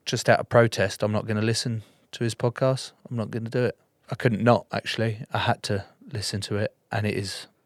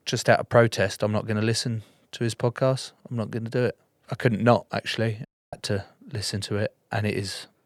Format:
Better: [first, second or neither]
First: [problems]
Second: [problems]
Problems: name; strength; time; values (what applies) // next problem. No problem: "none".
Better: first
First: none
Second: audio cutting out; at 5.5 s